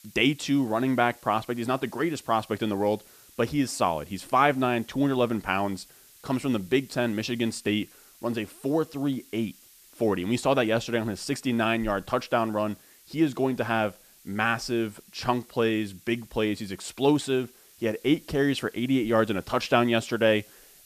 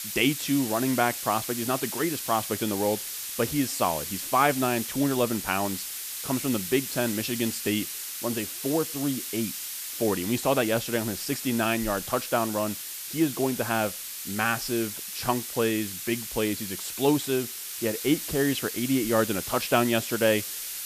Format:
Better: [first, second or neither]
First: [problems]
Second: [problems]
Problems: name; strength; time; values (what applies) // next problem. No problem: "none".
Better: first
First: hiss; faint; throughout; 25 dB below the speech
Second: hiss; loud; throughout; 5 dB below the speech